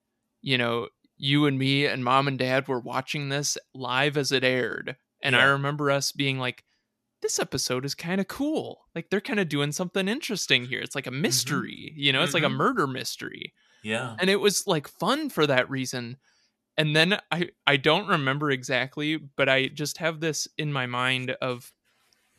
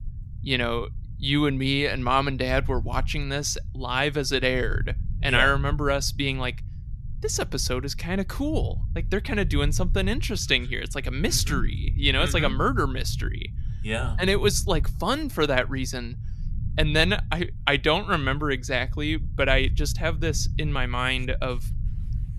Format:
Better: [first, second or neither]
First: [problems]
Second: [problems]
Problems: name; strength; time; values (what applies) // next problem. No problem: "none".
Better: first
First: none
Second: low rumble; faint; throughout; 25 dB below the speech